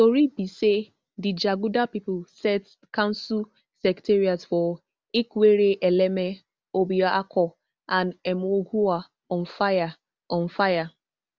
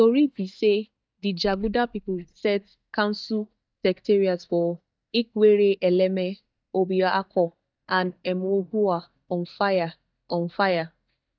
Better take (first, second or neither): first